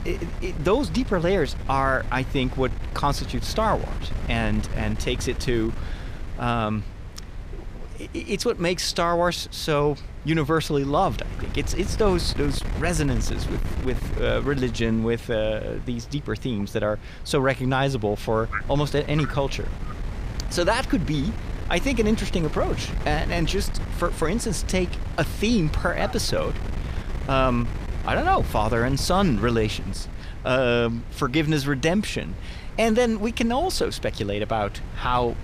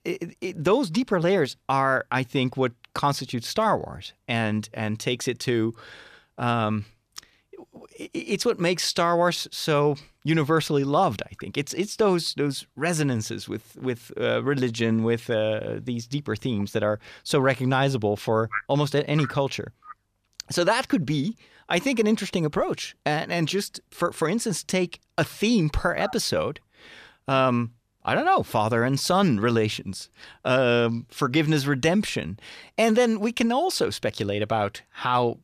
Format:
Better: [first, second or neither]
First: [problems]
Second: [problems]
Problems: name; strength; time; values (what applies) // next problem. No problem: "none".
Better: second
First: wind noise on the microphone; occasional gusts; 15 dB below the speech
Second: none